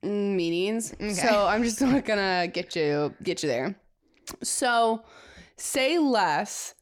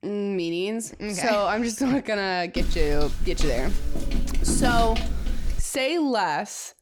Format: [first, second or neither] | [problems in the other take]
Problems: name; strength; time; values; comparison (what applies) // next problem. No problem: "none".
first | footsteps; loud; from 2.5 to 5.5 s; peak 1 dB above the speech